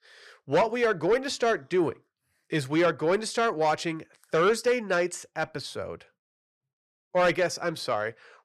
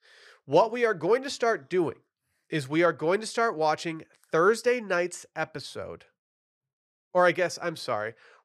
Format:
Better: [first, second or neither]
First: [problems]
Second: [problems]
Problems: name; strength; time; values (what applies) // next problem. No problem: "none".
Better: second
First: distortion; slight; 10 dB below the speech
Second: none